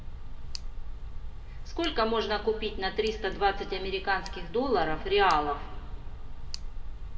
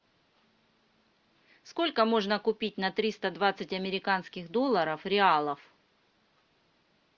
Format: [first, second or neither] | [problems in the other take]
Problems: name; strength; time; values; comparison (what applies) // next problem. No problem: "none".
second | background sound (Tick); 5 dB below the speech // room echo; dies away in 1.5 s